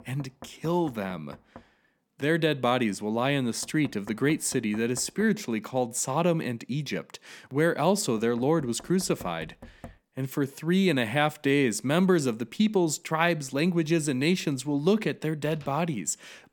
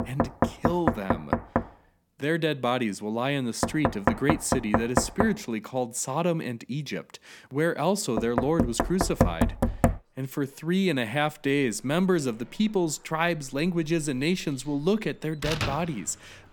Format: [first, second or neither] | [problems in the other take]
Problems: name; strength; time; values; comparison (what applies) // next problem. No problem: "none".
first | household noises; loud; throughout; as loud as the speech; faint in the first